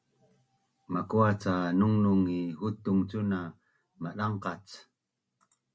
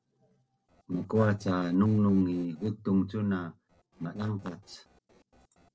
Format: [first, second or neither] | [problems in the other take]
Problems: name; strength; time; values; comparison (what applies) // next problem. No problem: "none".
first | noise reduction (neural separator model SepFormer DNS4)